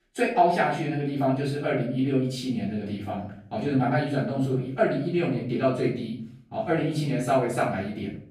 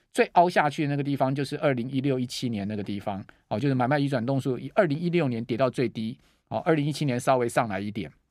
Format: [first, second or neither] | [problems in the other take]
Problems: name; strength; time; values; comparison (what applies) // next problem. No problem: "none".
second | off-mic speech; far // room echo; noticeable; dies away in 0.5 s